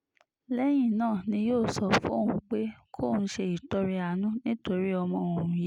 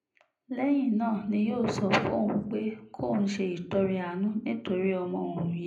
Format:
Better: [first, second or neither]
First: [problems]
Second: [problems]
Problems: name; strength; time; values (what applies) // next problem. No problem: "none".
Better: first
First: none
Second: room echo; dies away in 0.4 s